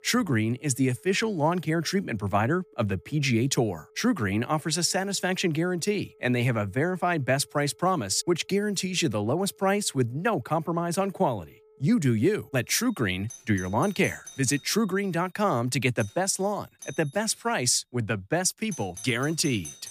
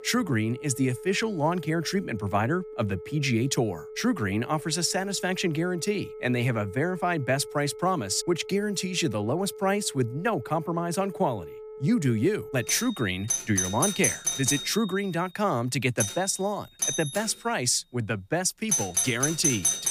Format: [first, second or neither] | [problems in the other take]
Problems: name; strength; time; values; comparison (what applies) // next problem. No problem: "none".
first | alarms or sirens; loud; throughout; 5 dB below the speech; faint in the first